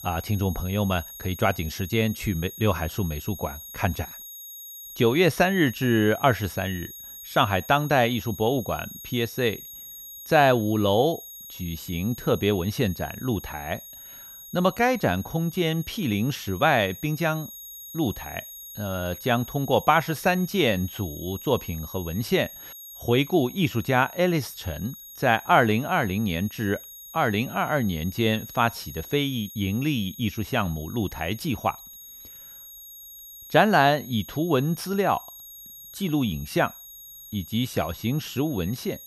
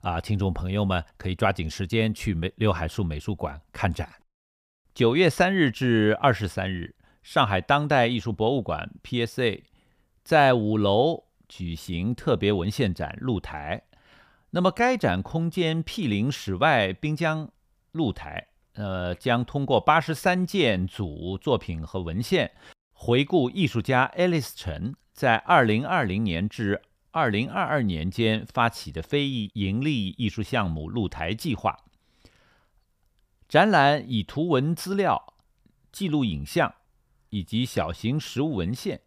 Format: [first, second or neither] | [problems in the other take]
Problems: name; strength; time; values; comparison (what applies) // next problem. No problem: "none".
second | high-pitched whine; noticeable; throughout; 11.5 kHz, 15 dB below the speech